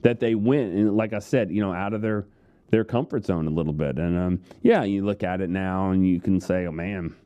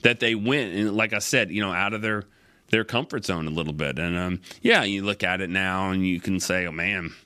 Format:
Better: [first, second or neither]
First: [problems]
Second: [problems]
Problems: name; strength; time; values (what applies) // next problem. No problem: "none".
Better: second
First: muffled; slightly; fading above 1.5 kHz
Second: none